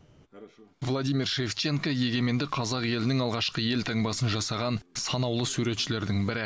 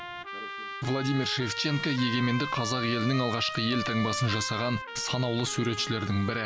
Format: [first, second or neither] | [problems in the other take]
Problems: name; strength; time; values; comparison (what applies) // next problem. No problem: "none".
first | background sound (Trumpet); 7 dB below the speech